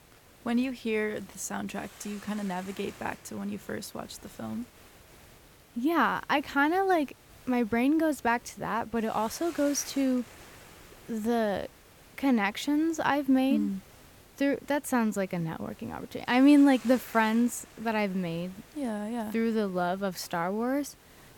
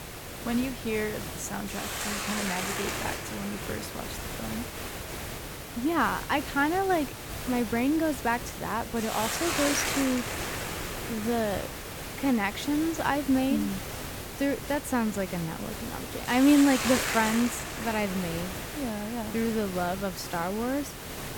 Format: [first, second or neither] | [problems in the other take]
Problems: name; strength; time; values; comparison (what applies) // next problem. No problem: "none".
first | hiss; loud; throughout; 5 dB below the speech; faint in the first